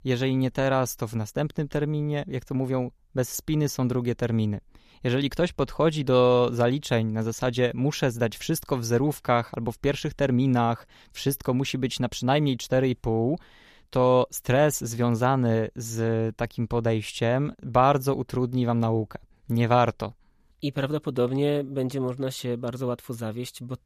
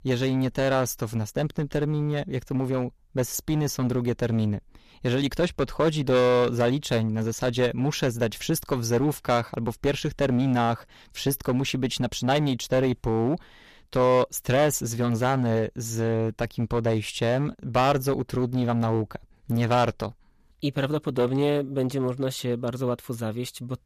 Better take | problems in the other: first | distortion; slight; 7% of the sound clipped

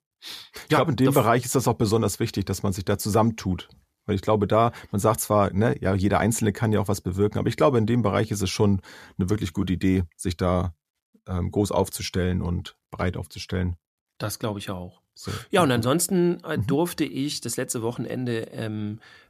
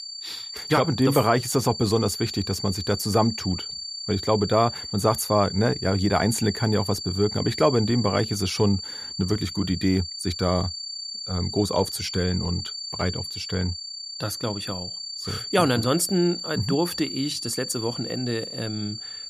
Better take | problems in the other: first | high-pitched whine; loud; throughout; 4.5 kHz, 7 dB below the speech

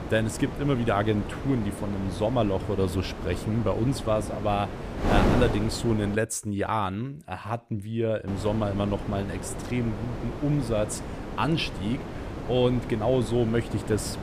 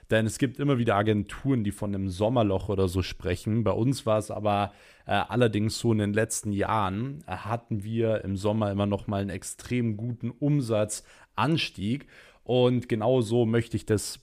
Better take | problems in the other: second | wind noise on the microphone; heavy; until 6 s and from 8.5 s on; 7 dB below the speech

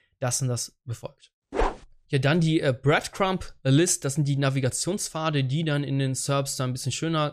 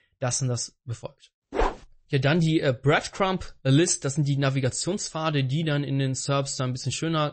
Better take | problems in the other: first | garbled, watery; slightly; nothing above 8 kHz

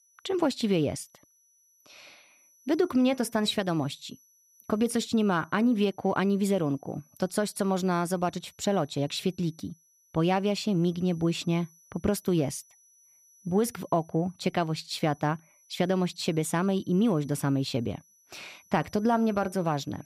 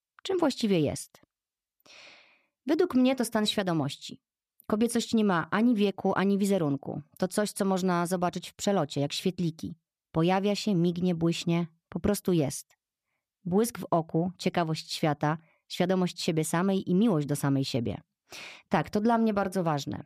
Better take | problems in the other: second | high-pitched whine; faint; throughout; 6 kHz, 30 dB below the speech

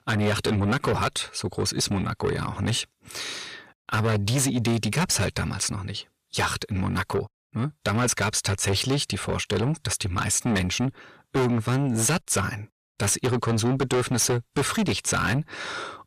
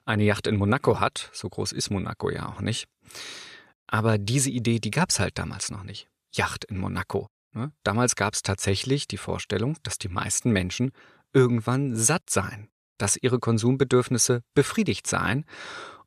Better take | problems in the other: second | distortion; heavy; 5 dB below the speech

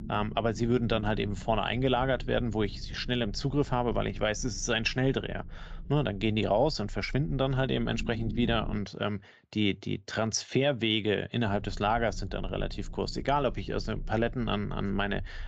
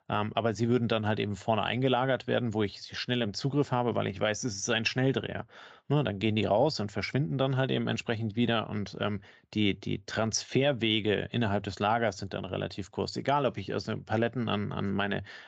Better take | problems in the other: second | low rumble; faint; until 9 s and from 11 s on; 25 dB below the speech

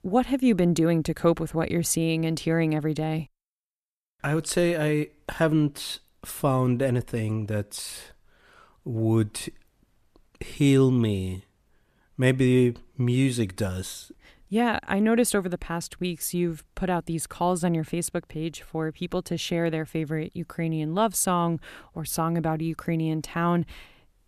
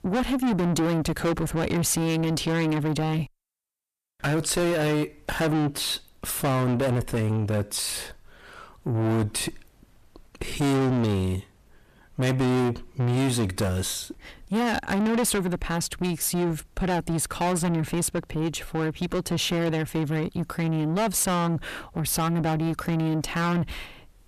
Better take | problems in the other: first | distortion; heavy; 6 dB below the speech

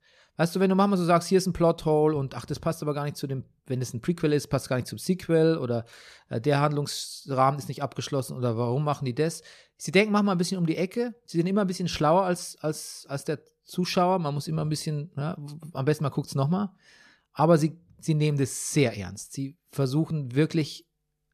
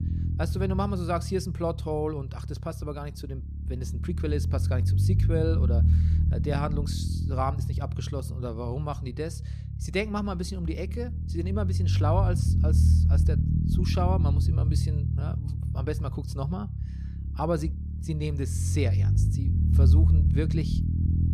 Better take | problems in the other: first | low rumble; loud; throughout; 7 dB below the speech

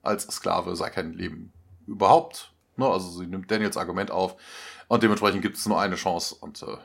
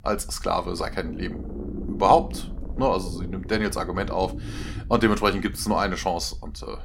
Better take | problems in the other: first | low rumble; noticeable; throughout; 20 dB below the speech

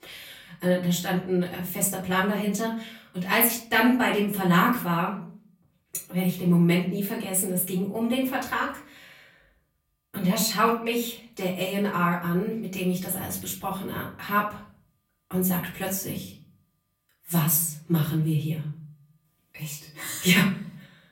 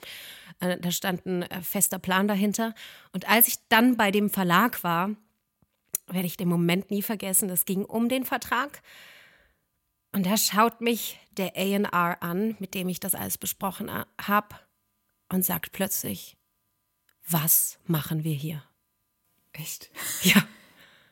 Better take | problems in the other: second | off-mic speech; far // room echo; slight; dies away in 0.5 s

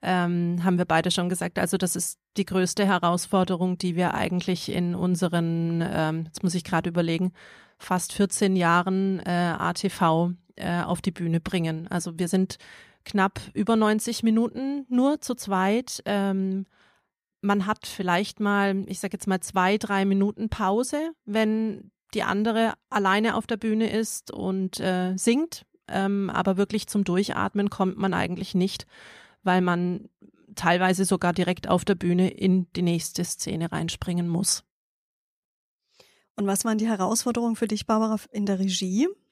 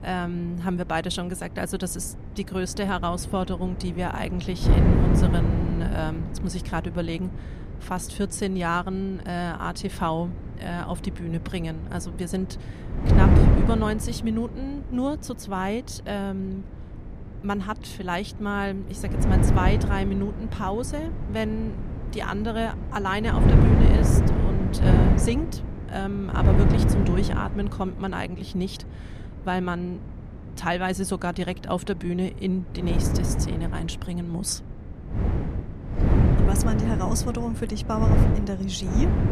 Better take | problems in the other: first | wind noise on the microphone; heavy; 2 dB below the speech

